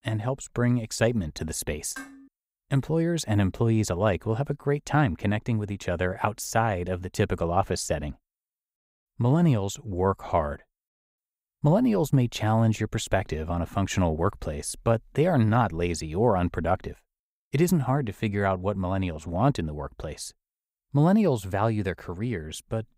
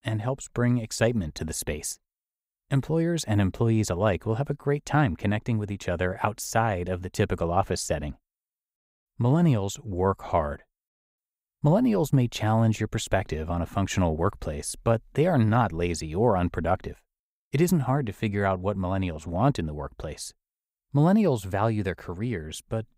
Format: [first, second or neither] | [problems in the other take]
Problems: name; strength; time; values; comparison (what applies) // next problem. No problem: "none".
second | clattering dishes; faint; at 2 s; peak 15 dB below the speech